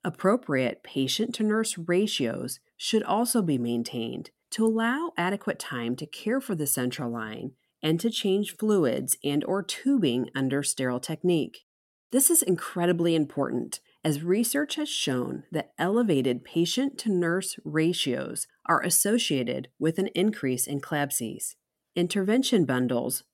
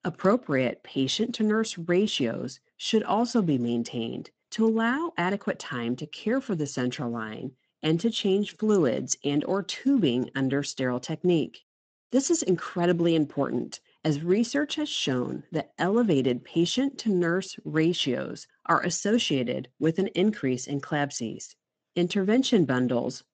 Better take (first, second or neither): first